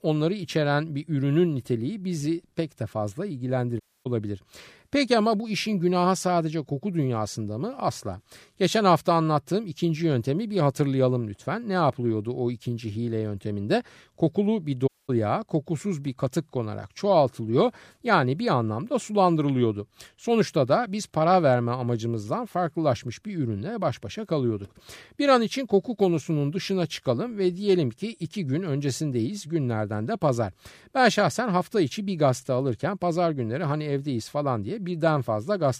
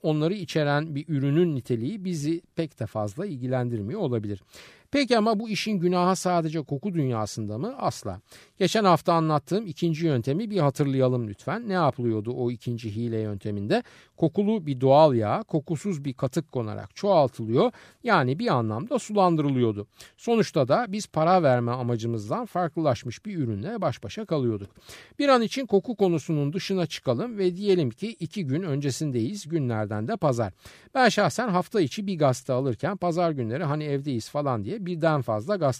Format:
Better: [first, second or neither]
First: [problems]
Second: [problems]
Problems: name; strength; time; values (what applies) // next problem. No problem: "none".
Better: second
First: audio cutting out; at 4 s and at 15 s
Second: none